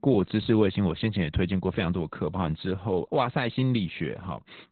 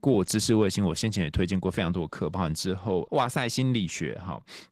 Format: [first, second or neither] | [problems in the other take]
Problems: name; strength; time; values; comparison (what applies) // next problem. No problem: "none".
second | garbled, watery; badly; nothing above 4 kHz; slightly in the second